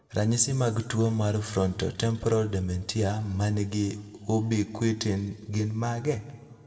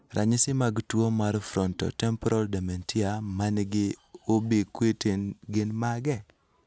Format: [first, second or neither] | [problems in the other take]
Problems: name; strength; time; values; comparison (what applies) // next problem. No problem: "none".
second | room echo; dies away in 1.2 s